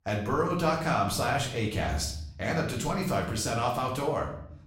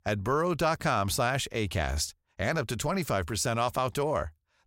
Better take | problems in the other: second | room echo; slight; dies away in 0.6 s // off-mic speech; far

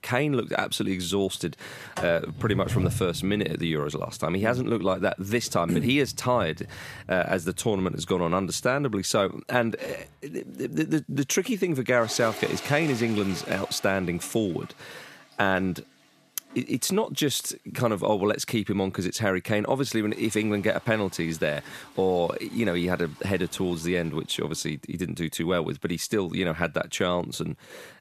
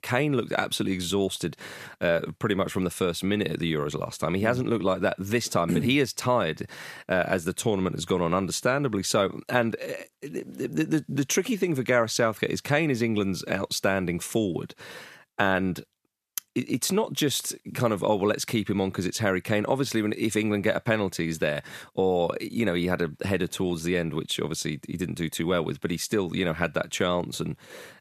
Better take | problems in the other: second | household noises; noticeable; throughout; 15 dB below the speech

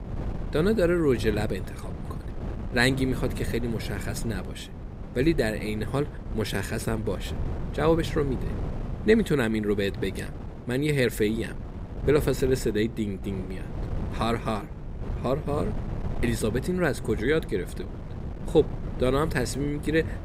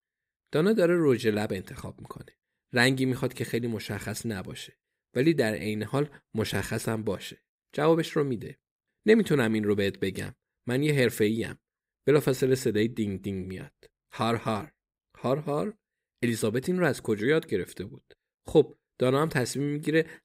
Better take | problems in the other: second | wind noise on the microphone; occasional gusts; 15 dB below the speech

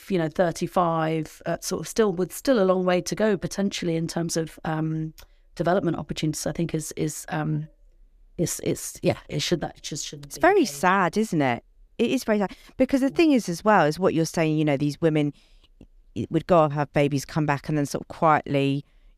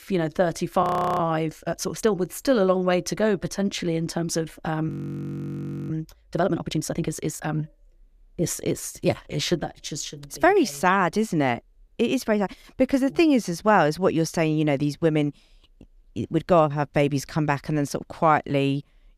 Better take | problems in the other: first | audio freezing; at 1 s and at 5 s for 1 s

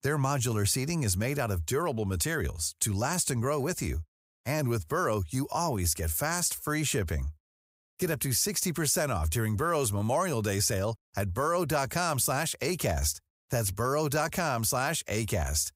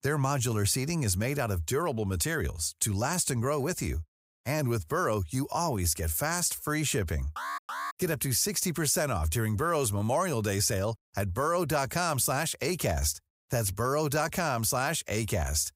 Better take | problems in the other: first | alarm; noticeable; at 7.5 s; peak 6 dB below the speech

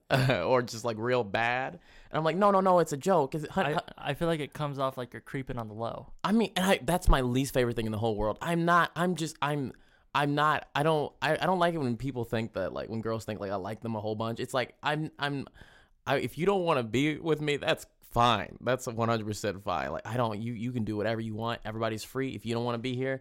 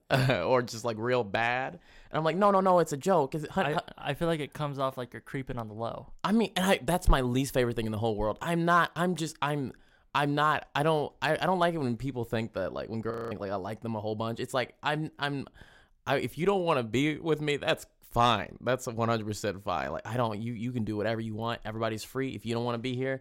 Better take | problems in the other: first | audio freezing; at 13 s

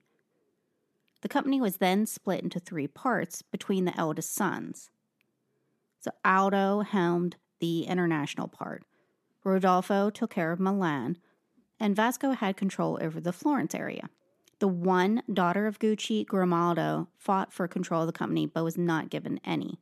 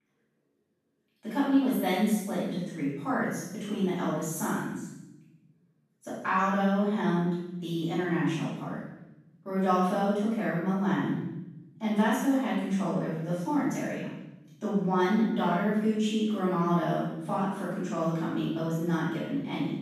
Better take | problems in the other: first | off-mic speech; far // room echo; strong; dies away in 0.9 s

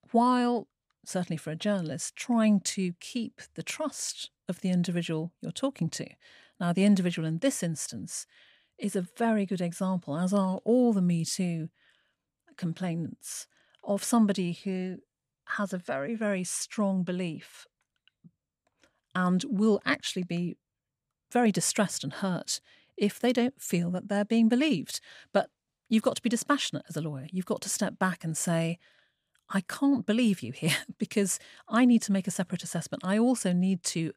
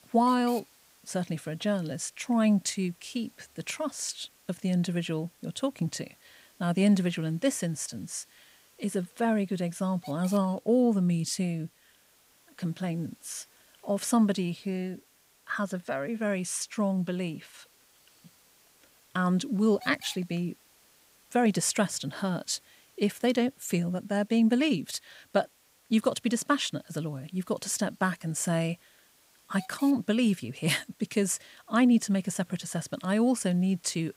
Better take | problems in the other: first | hiss; faint; throughout; 25 dB below the speech

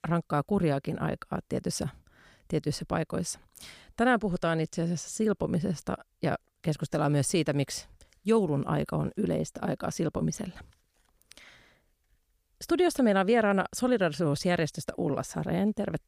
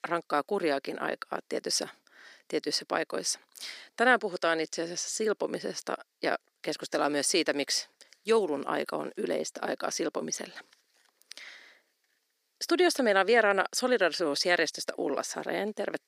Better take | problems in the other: first | thin; somewhat; fading below 300 Hz

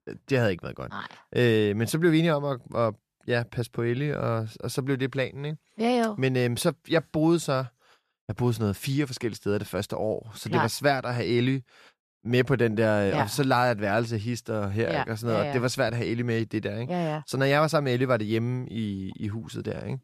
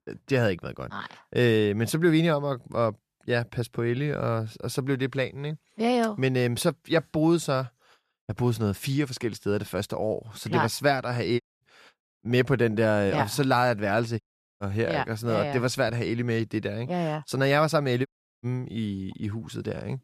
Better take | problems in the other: first | audio cutting out; at 11 s, at 14 s and at 18 s

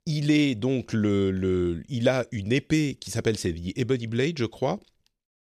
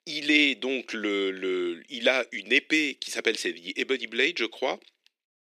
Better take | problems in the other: first | thin; somewhat; fading below 300 Hz

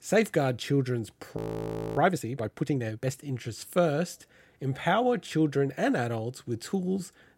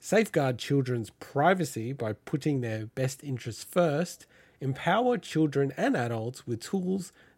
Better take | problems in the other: second | audio freezing; at 1.5 s for 0.5 s

